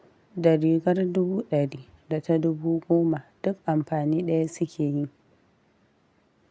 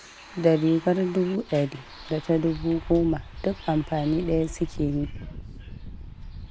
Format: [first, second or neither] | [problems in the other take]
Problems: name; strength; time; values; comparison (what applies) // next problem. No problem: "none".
first | background sound (Bus); 12 dB below the speech